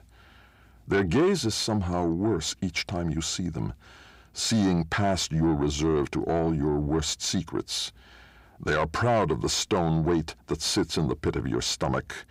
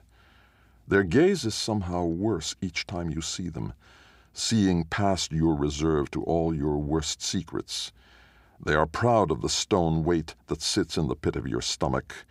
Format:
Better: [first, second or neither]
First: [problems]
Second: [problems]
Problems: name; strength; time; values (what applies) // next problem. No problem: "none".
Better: second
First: distortion; slight; 10 dB below the speech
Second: none